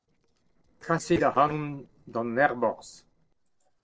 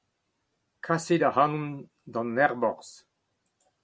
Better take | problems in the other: second | noise reduction (neural separator model SepFormer DNS4)

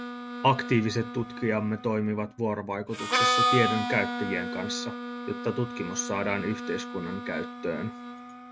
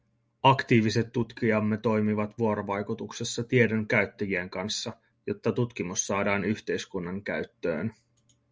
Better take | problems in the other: second | background sound (Harmonica); 3 dB below the speech

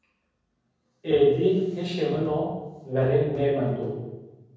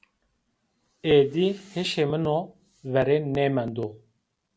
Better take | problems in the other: second | room echo; dies away in 1.1 s

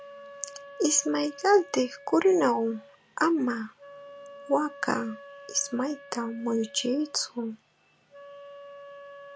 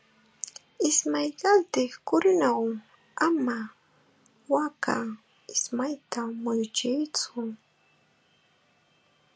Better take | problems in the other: second | background sound (Wind instrument, woodwind instrument); 19 dB below the speech

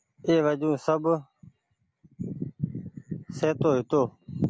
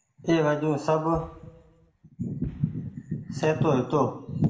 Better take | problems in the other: first | background sound (Boom); 20 dB below the speech // room echo; dies away in 0.6 s

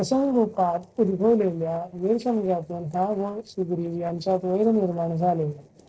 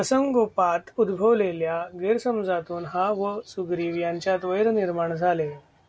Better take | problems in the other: second | noise reduction (neural separator model SepFormer DNS4)

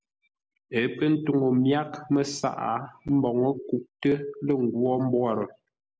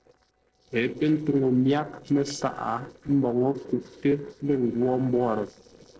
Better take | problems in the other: first | noise reduction (neural separator model SepFormer DNS4)

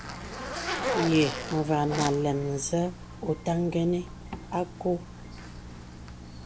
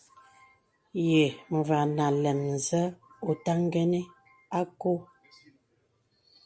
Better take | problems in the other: second | background sound (Zipper (clothing)); 7 dB below the speech

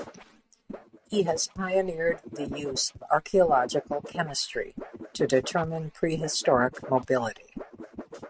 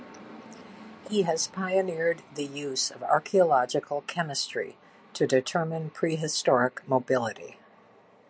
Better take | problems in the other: second | noise reduction (neural mask model RNNoise)

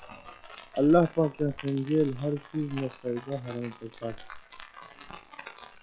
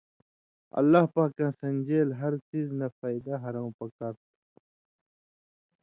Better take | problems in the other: second | noise reduction (classical method log-MMSE)

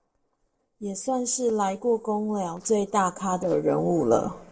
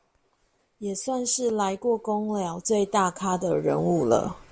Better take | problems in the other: second | noise reduction (neural separator model SepFormer DNS4)

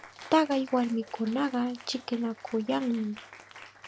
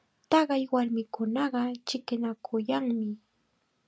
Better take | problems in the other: second | background sound (Cheering); 19 dB below the speech

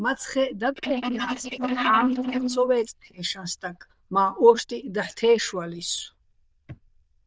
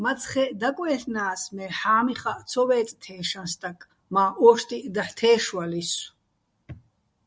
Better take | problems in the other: second | noise reduction (neural diffusion model UNIVERSE++)

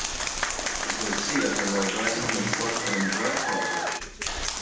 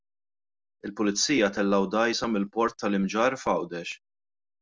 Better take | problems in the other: second | background sound (Applause); 3 dB above the speech // room echo; dies away in 0.8 s

